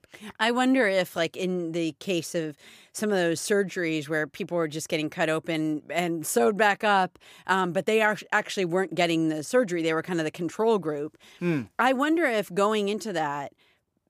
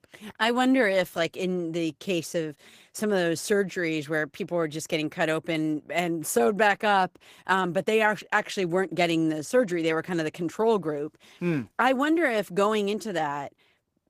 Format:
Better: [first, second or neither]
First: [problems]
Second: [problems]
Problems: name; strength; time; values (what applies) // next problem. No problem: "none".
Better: first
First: none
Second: garbled, watery; slightly; nothing above 15 kHz